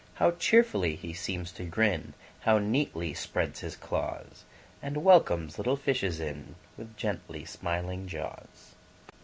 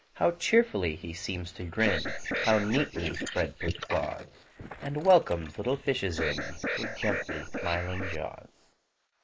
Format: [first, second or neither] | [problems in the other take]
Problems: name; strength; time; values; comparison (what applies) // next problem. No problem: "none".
first | noise reduction (neural mask model Resemble Enhance denoiser)